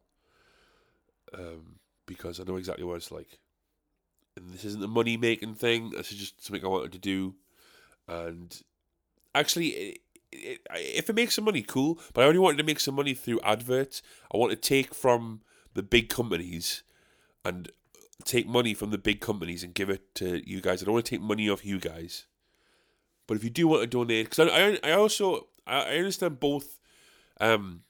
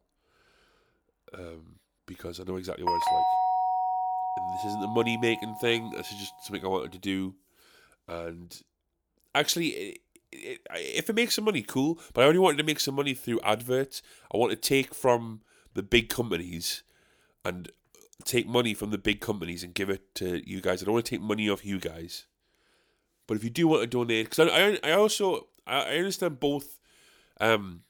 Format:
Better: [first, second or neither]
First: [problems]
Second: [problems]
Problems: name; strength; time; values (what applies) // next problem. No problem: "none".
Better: first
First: none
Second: doorbell; loud; from 3 to 5.5 s; peak 3 dB above the speech